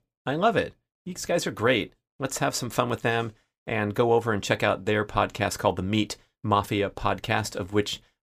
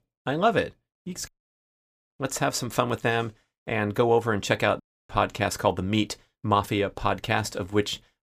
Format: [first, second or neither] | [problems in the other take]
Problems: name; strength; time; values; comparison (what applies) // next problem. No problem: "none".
first | audio cutting out; at 1.5 s for 1 s and at 5 s